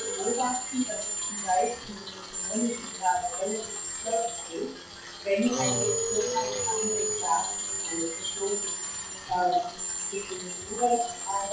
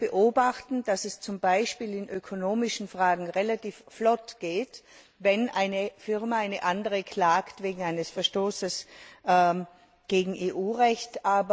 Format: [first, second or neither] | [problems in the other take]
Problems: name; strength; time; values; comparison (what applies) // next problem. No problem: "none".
second | noise reduction (classical method WPE with log-MMSE)